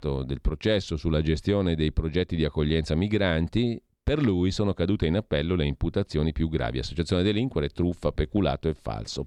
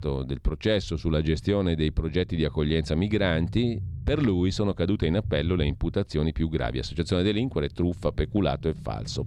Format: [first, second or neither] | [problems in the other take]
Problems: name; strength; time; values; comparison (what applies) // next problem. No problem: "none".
first | low rumble; faint; throughout; 25 dB below the speech